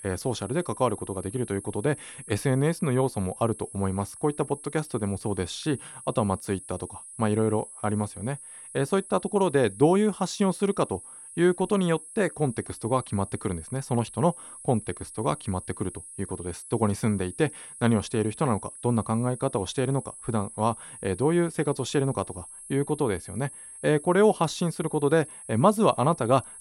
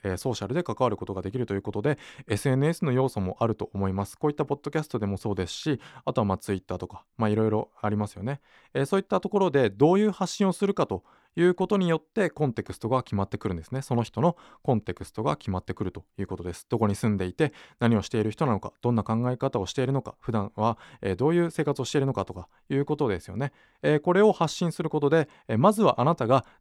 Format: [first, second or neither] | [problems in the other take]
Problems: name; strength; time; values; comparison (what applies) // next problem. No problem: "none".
second | high-pitched whine; noticeable; throughout; 10.5 kHz, 15 dB below the speech